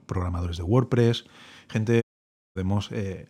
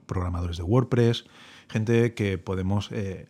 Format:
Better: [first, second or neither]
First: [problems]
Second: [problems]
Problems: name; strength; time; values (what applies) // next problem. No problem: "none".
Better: second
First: audio cutting out; at 2 s for 0.5 s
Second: none